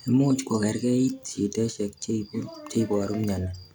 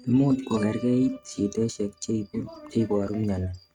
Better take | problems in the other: first | noise reduction (neural mask model RNNoise)

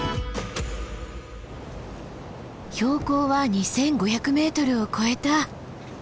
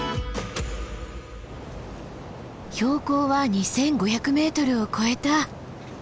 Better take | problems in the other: second | background sound (Knock); 19 dB below the speech

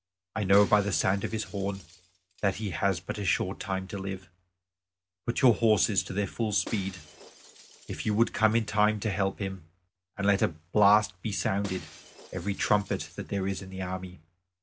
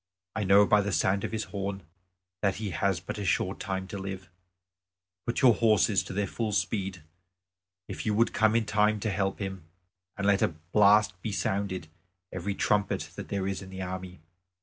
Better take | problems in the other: second | background sound (Shatter); 20 dB below the speech

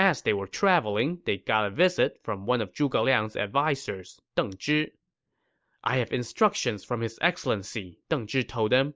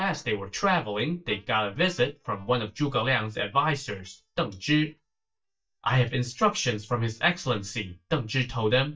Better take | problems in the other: first | noise reduction (neural mask model DeepFilterNet 3)

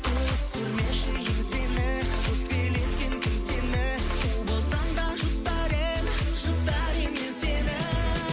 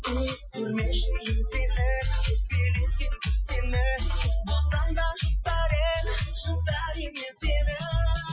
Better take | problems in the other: first | noise reduction (classical method Wiener filter)

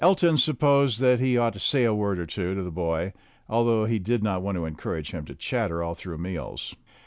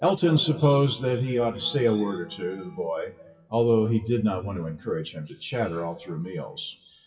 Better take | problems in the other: first | noise reduction (classical method WPE with log-MMSE)

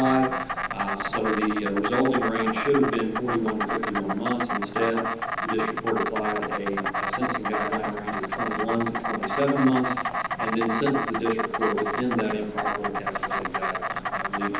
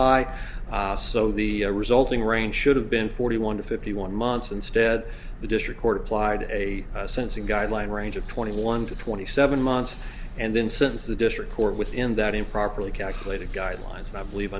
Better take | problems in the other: second | background sound (Insect); 2 dB below the speech // room echo; dies away in 0.9 s

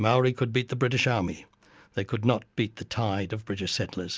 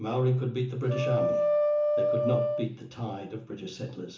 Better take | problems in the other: first | background sound (Wind instrument, woodwind instrument); 3 dB above the speech // room echo; dies away in 0.7 s

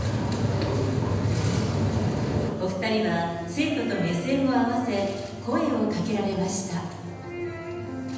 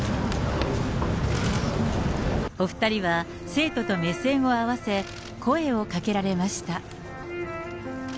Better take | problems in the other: second | room echo; dies away in 1.1 s

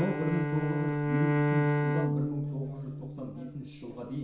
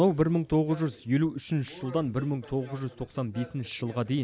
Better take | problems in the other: second | background sound (Bowed string instrument); 5 dB above the speech // room echo; dies away in 0.6 s

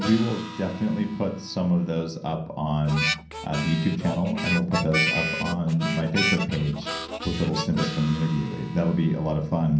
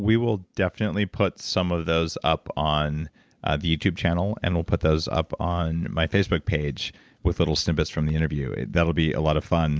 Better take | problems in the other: second | background sound (Harmonica); 7 dB below the speech // room echo; dies away in 0.6 s

